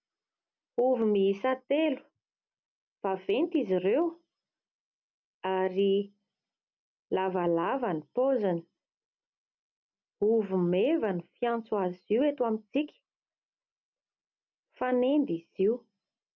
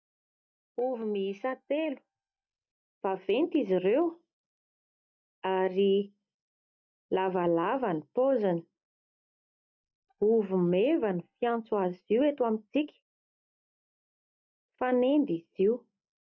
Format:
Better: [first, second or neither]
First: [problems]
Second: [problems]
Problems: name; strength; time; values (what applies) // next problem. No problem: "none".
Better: first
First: none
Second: noise reduction (neural mask model DeepFilterNet 3)